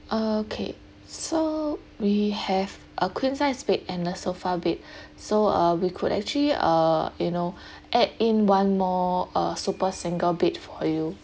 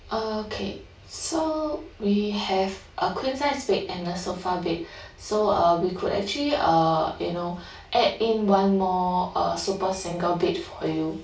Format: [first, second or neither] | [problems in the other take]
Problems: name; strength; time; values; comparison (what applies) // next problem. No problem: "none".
first | room echo; dies away in 0.3 s